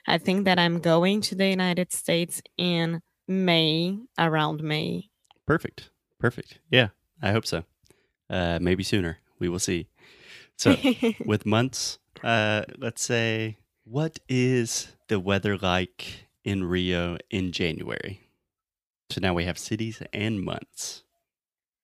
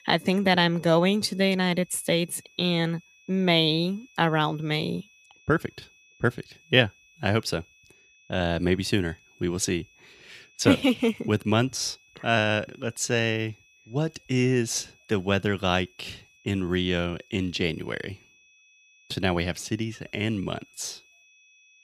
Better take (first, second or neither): first